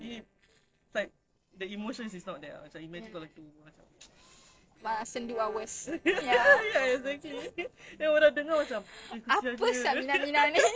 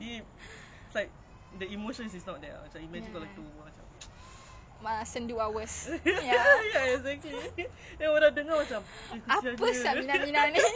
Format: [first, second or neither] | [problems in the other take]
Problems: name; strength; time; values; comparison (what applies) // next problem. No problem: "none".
second | noise reduction (neural separator model SepFormer DNS4)